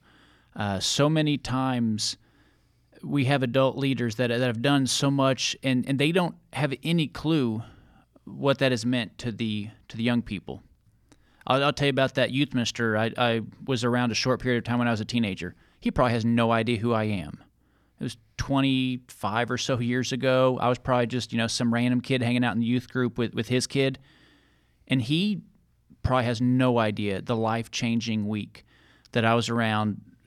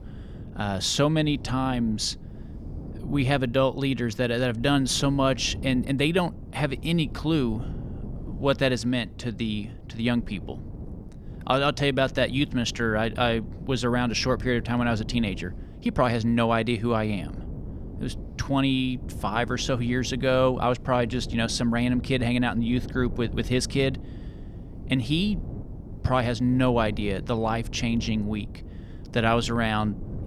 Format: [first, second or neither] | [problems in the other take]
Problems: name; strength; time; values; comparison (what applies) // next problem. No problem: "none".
first | wind noise on the microphone; occasional gusts; 20 dB below the speech